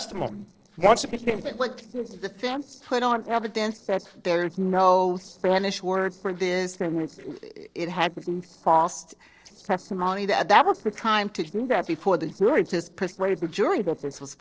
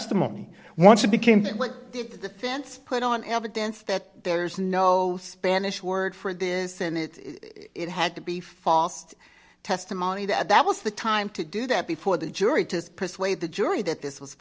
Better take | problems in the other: second | noise reduction (neural separator model SepFormer DNS4)

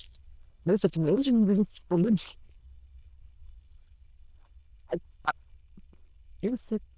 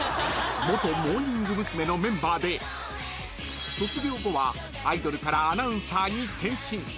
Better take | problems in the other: second | noise reduction (neural diffusion model UNIVERSE++)

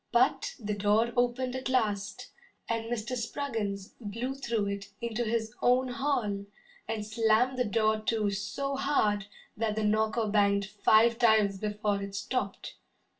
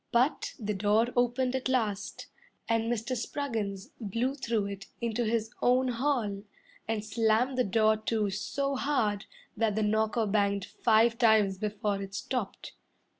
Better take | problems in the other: second | room echo; dies away in 0.2 s

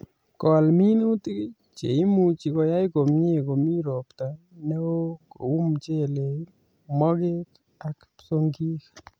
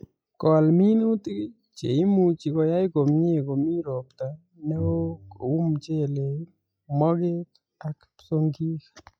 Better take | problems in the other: first | noise reduction (classical method log-MMSE)

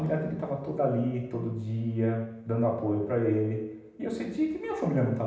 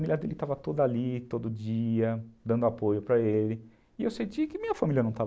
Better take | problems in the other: second | room echo; dies away in 0.9 s

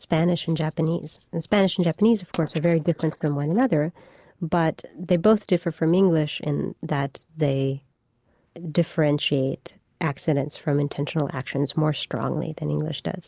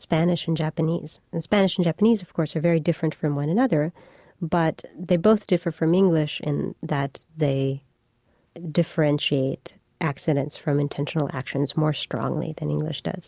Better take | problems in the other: second | noise reduction (neural mask model Resemble Enhance denoiser)

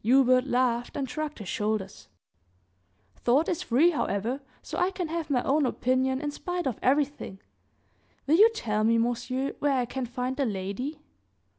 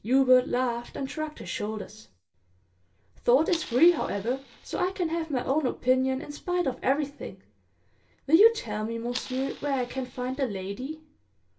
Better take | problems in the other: first | background sound (Fire); 17 dB below the speech // room echo; dies away in 0.2 s

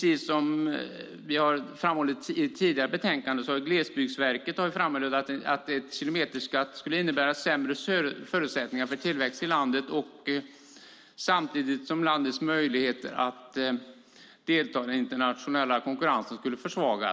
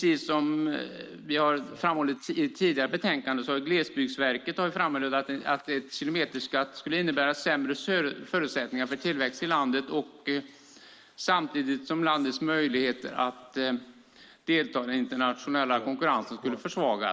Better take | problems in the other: first | noise reduction (neural mask model Resemble Enhance denoiser)

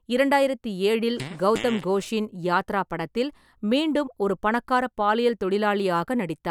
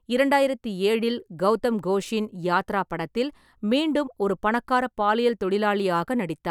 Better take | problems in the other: second | background sound (Fart); 13 dB below the speech

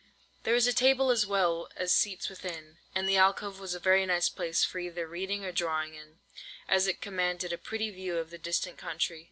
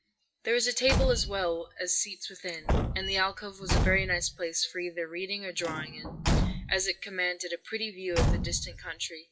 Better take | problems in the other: first | noise reduction (classical method WPE with log-MMSE)

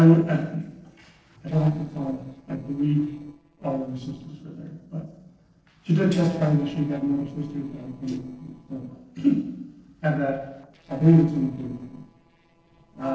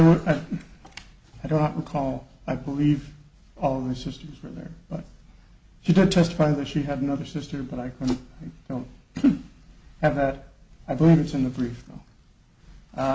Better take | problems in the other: second | noise reduction (neural separator model SepFormer DNS4)

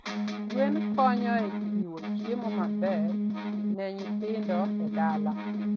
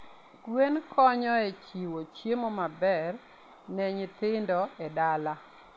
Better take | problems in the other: second | noise reduction (neural mask model RNNoise)

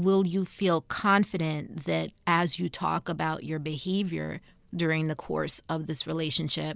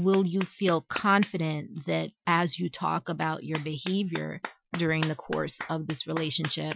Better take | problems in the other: first | noise reduction (classical method Wiener filter)

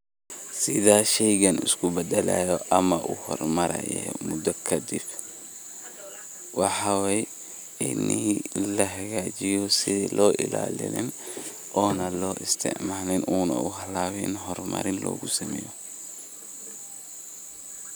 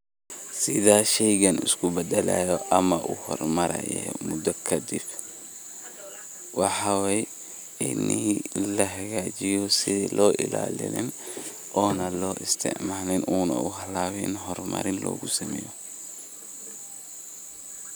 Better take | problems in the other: first | background sound (Wind instrument, woodwind instrument); 18 dB below the speech

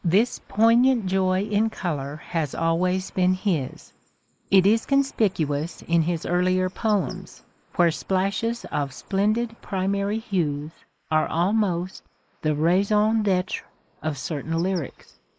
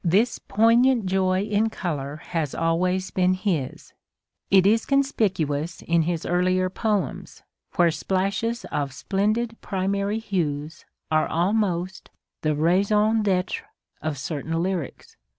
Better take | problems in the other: second | noise reduction (neural mask model Resemble Enhance denoiser)

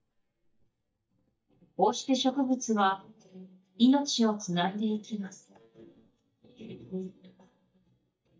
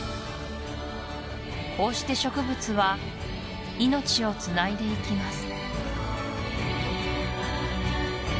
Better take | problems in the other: second | noise reduction (neural mask model DeepFilterNet 3)

